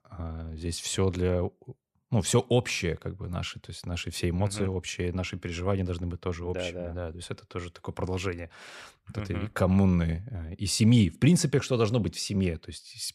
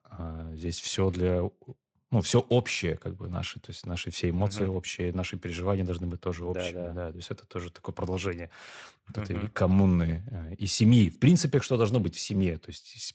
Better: first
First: none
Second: garbled, watery; slightly; nothing above 8 kHz

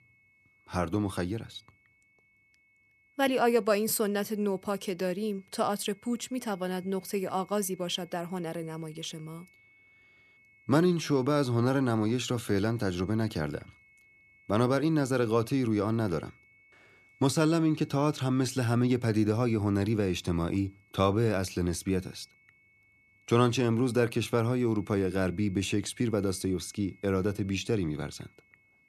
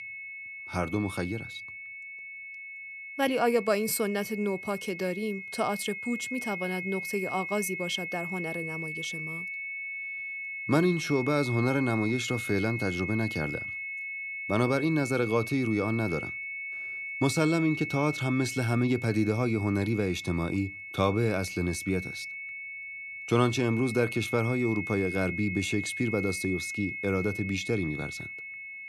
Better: first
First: high-pitched whine; faint; throughout; 2 kHz, 30 dB below the speech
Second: high-pitched whine; loud; throughout; 2 kHz, 6 dB below the speech

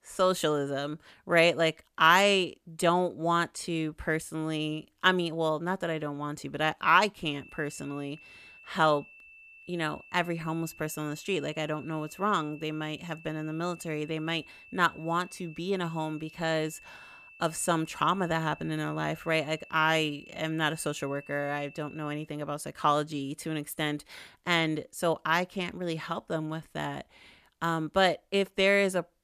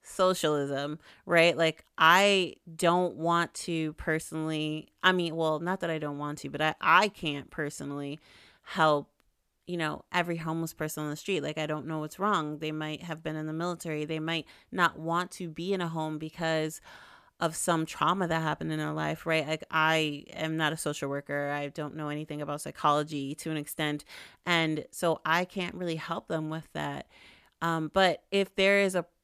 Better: second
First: high-pitched whine; faint; from 7.5 to 22 s; 2.5 kHz, 20 dB below the speech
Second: none

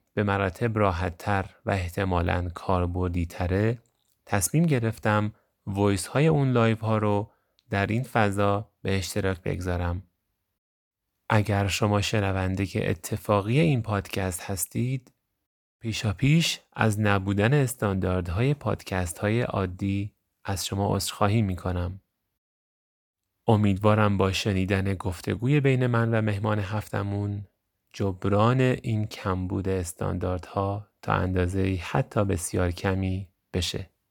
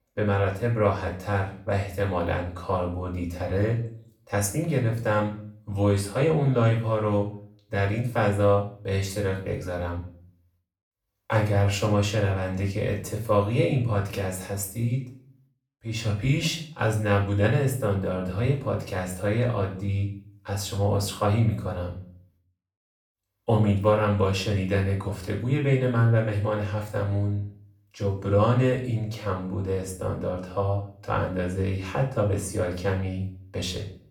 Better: first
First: none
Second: room echo; slight; dies away in 0.4 s // off-mic speech; far

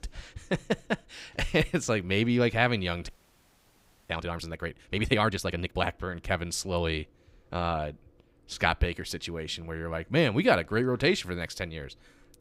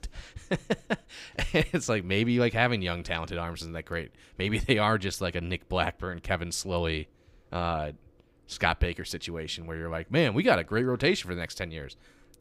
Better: second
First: audio freezing; at 3 s for 1 s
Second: none

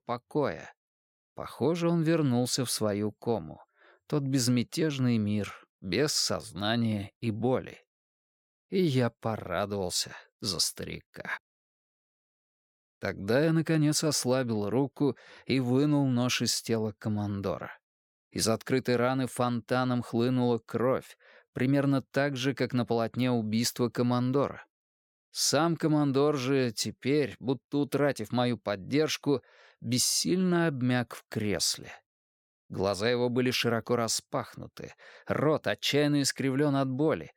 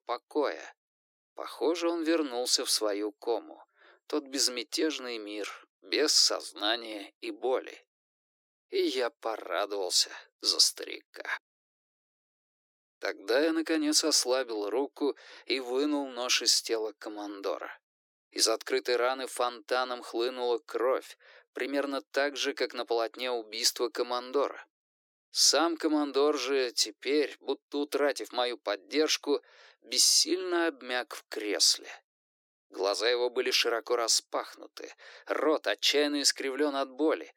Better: first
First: none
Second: thin; somewhat; fading below 300 Hz

